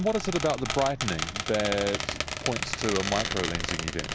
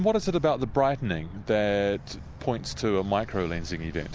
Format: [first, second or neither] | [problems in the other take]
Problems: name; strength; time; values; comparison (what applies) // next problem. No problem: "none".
second | background sound (Squeak); 3 dB below the speech